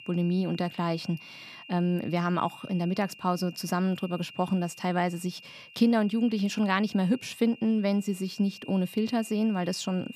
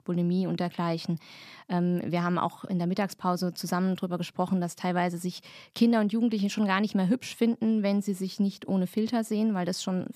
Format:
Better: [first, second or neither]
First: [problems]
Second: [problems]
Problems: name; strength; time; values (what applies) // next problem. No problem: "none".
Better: second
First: high-pitched whine; noticeable; throughout; 3 kHz, 20 dB below the speech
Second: none